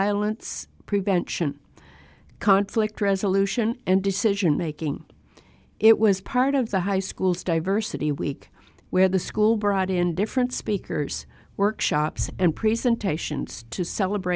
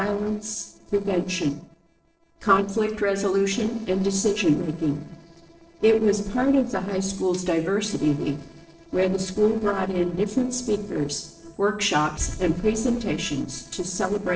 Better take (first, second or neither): first